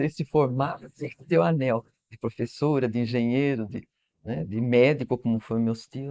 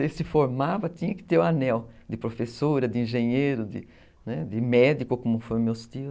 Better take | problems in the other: second | noise reduction (neural mask model Resemble Enhance denoiser)

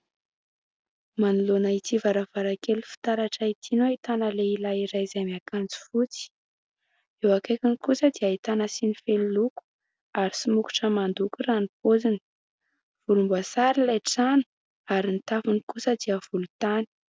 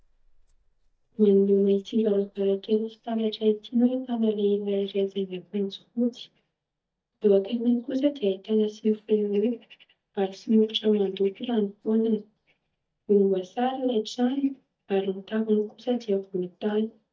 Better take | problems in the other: first | noise reduction (neural mask model DeepFilterNet 3)

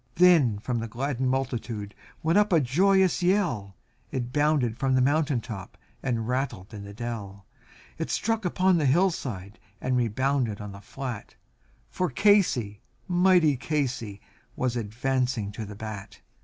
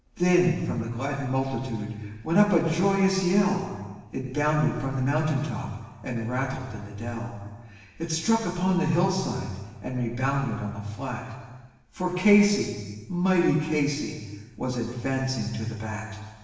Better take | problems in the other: first | room echo; dies away in 1.3 s

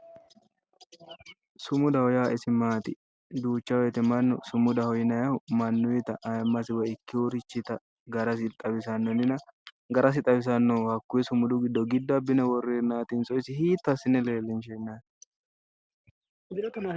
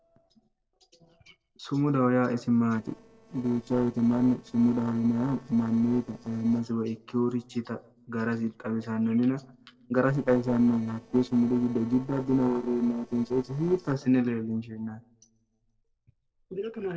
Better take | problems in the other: first | noise reduction (neural separator model SepFormer DNS4)

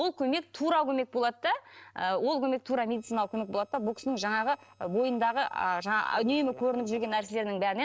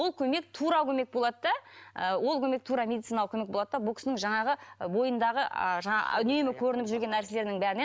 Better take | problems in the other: second | noise reduction (neural separator model SepFormer DNS4)

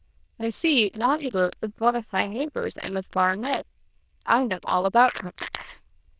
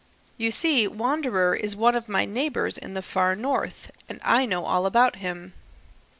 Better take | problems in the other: second | noise reduction (neural diffusion model UNIVERSE++)

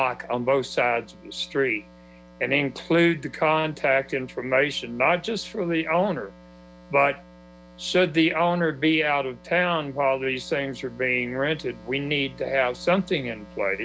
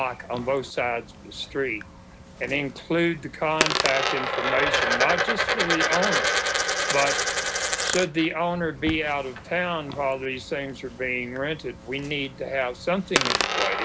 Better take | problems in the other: first | background sound (Coin (dropping)); as loud as the speech

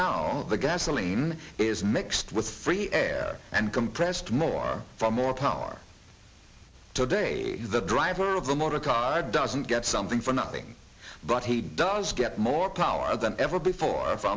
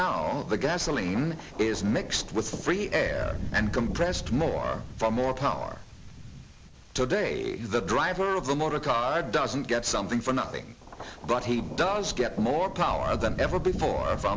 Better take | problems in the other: first | background sound (Thunder); 11 dB below the speech

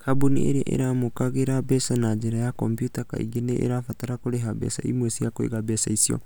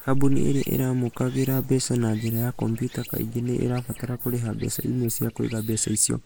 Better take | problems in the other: first | noise reduction (neural mask model Resemble Enhance denoiser)

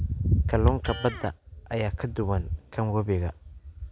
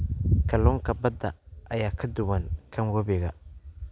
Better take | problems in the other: second | background sound (Electric guitar); 20 dB below the speech

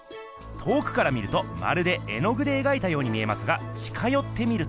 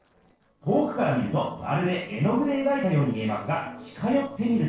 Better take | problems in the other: first | noise reduction (neural separator model SepFormer DNS4)

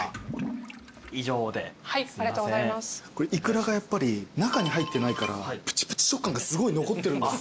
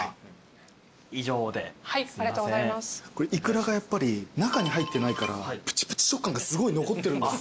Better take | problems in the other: second | background sound (Toilet flush / Liquid); 16 dB below the speech

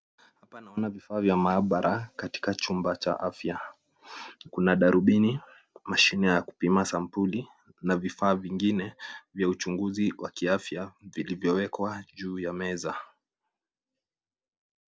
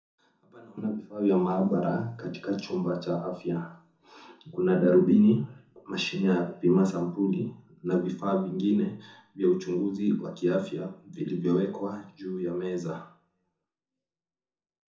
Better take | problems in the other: first | room echo; dies away in 0.5 s

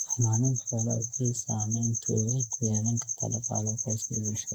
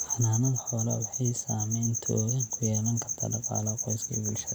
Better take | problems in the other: second | noise reduction (neural mask model Resemble Enhance denoiser)

